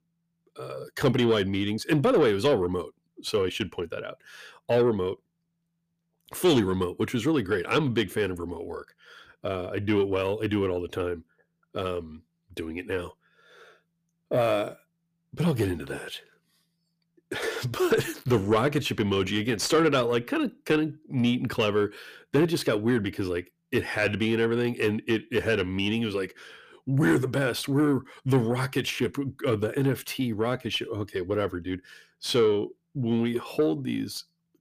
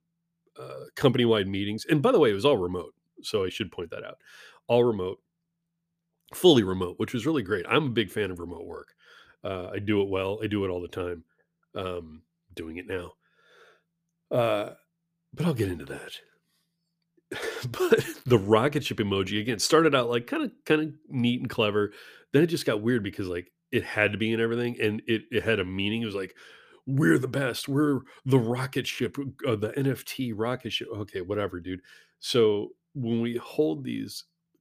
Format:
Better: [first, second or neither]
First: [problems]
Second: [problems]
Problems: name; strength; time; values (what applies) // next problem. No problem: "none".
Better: second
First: distortion; slight; 10 dB below the speech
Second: none